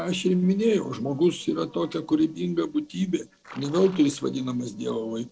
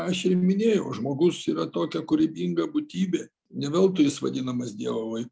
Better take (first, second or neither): second